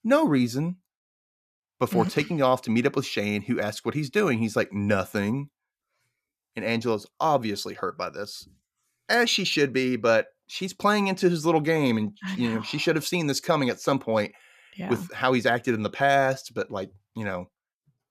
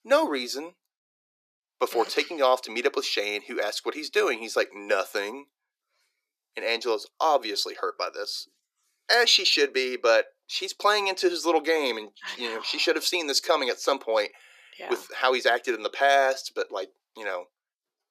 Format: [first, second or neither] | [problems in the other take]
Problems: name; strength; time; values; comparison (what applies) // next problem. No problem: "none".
first | thin; very; fading below 350 Hz